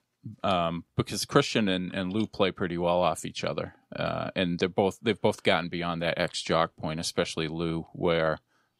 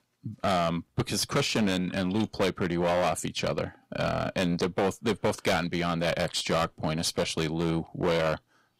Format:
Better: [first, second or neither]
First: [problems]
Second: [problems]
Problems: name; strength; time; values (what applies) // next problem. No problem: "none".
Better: first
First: none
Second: distortion; heavy; 12% of the sound clipped